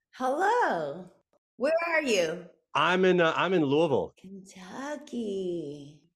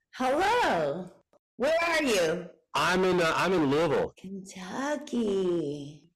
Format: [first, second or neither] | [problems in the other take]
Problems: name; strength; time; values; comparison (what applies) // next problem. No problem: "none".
first | distortion; heavy; 20% of the sound clipped